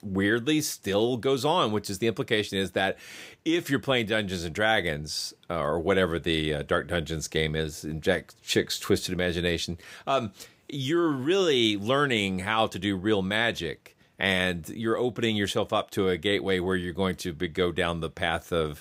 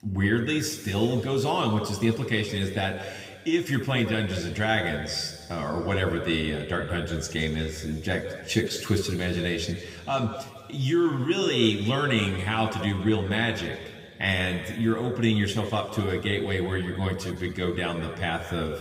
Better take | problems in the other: first | room echo; noticeable; dies away in 1.7 s // off-mic speech; somewhat distant

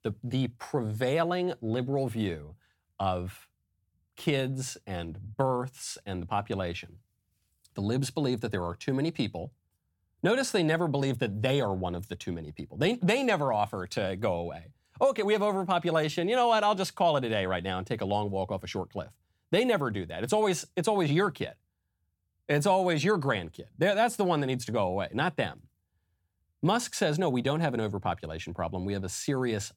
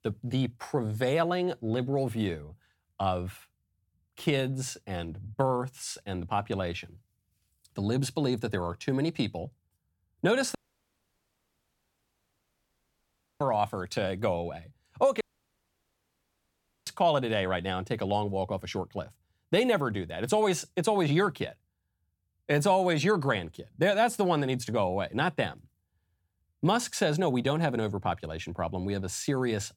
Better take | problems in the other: first | audio cutting out; at 11 s for 3 s and at 15 s for 1.5 s

